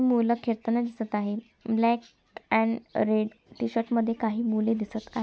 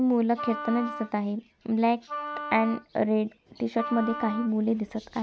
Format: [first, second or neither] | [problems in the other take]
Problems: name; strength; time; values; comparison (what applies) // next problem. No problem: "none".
first | background sound (Wind instrument, woodwind instrument); 11 dB below the speech